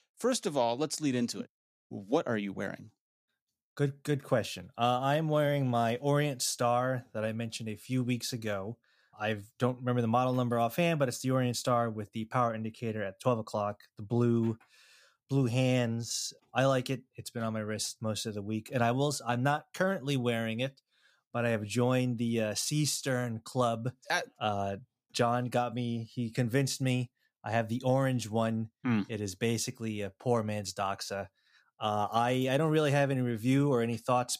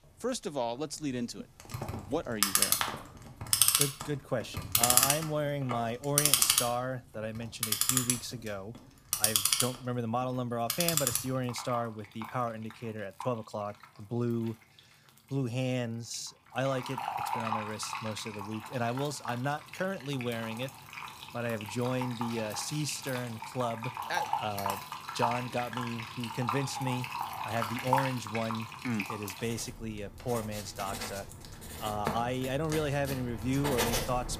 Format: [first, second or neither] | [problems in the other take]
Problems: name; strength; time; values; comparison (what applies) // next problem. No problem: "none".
first | household noises; very loud; throughout; 4 dB above the speech